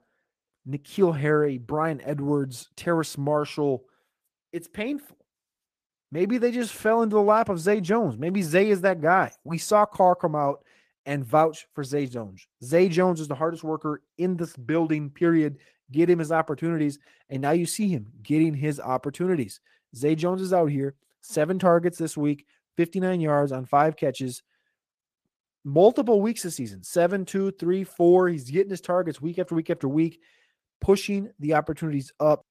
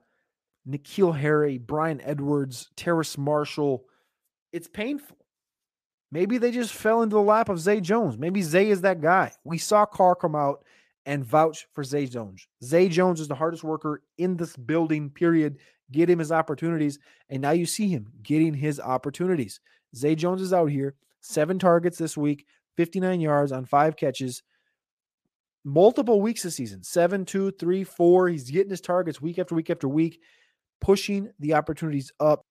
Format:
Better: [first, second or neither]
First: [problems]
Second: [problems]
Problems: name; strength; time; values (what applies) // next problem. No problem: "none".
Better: second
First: garbled, watery; slightly; nothing above 14.5 kHz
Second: none